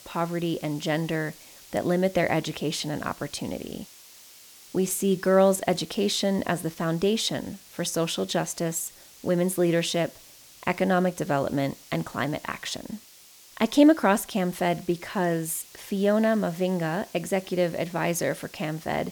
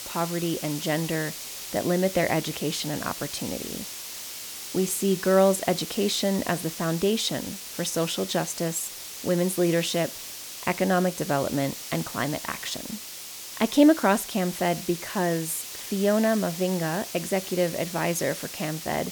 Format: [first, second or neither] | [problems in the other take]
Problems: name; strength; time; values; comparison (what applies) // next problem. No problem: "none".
first | hiss; loud; throughout; 9 dB below the speech; faint in the first